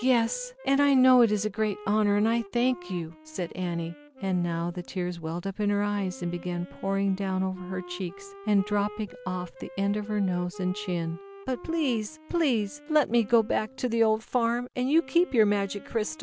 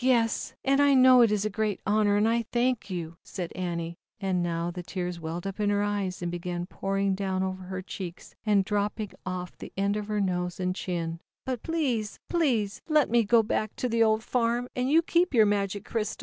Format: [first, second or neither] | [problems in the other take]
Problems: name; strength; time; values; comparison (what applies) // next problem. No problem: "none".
second | background sound (Wind instrument, woodwind instrument); 19 dB below the speech